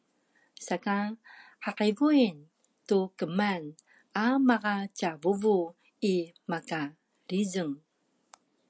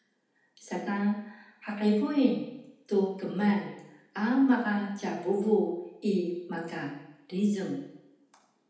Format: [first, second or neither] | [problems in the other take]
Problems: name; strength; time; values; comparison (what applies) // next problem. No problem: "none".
first | room echo; dies away in 0.8 s